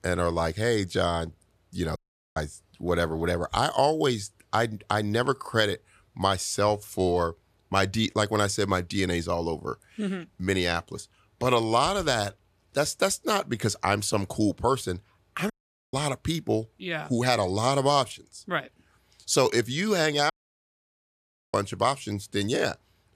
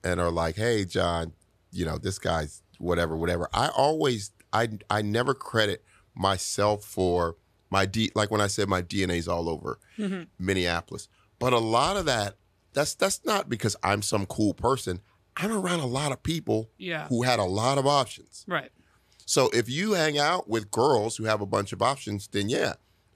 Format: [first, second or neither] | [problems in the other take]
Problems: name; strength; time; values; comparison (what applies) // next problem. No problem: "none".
second | audio cutting out; at 2 s, at 16 s and at 20 s for 1 s